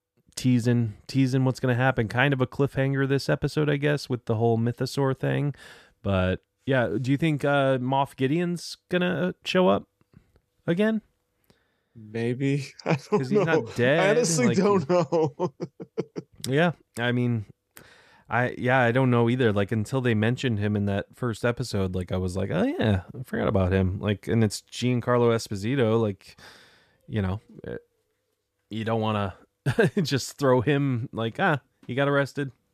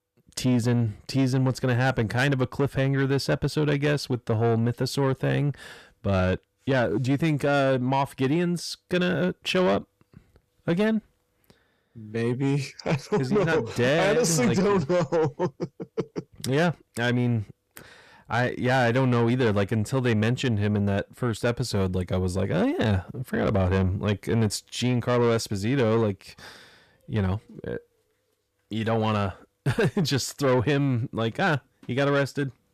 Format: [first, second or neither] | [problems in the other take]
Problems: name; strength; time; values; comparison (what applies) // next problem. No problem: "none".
first | distortion; slight; 10 dB below the speech